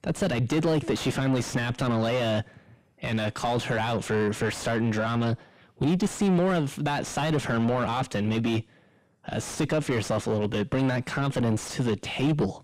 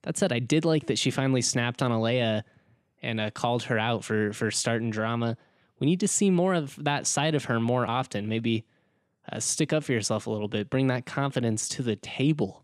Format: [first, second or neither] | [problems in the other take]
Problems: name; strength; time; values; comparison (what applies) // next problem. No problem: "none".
second | distortion; heavy; 5 dB below the speech